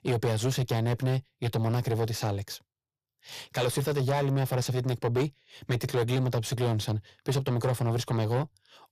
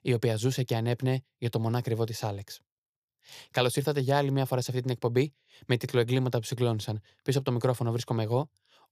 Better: second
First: distortion; heavy; 7 dB below the speech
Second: none

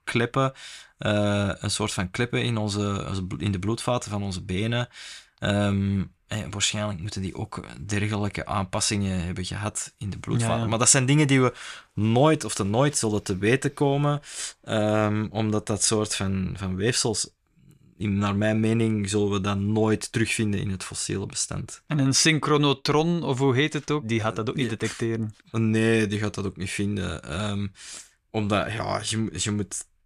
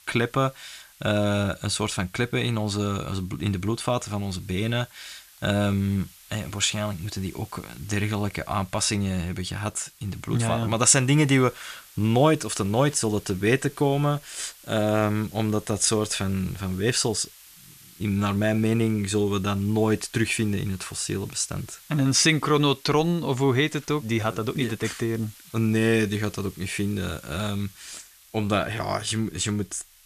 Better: first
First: none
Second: hiss; faint; throughout; 25 dB below the speech

